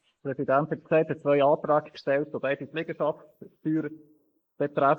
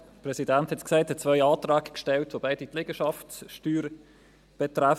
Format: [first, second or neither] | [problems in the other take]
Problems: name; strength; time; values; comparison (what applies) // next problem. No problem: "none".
second | noise reduction (neural mask model Resemble Enhance denoiser)